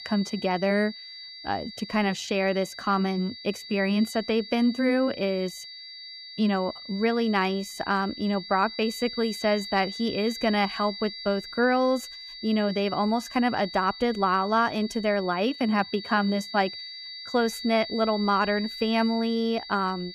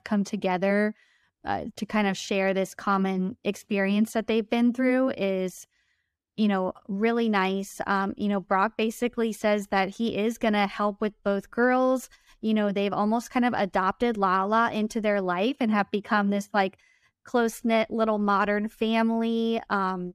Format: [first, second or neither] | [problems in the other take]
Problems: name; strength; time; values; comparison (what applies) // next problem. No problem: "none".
second | high-pitched whine; noticeable; throughout; 4.5 kHz, 10 dB below the speech